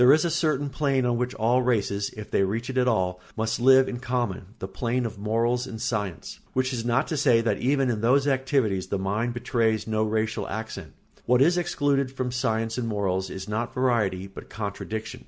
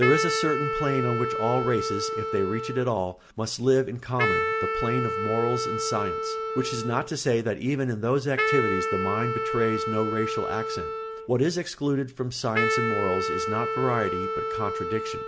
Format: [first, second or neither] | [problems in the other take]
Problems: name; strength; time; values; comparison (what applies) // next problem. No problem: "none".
first | background sound (Wind instrument, woodwind instrument); 2 dB below the speech